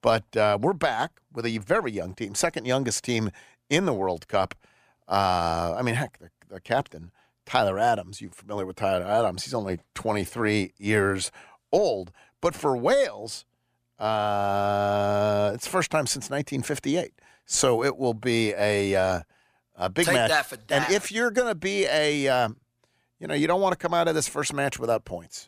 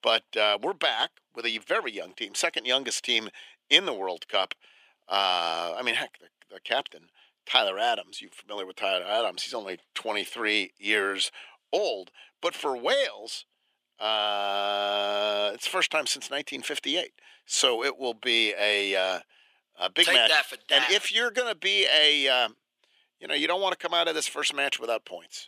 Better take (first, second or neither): first